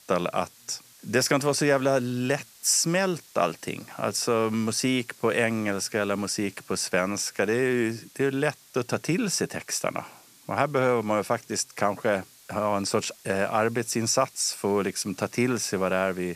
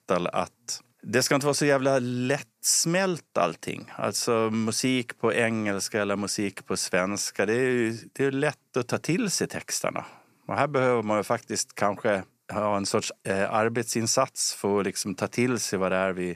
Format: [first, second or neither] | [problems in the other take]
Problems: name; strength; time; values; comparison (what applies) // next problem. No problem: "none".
second | hiss; faint; throughout; 25 dB below the speech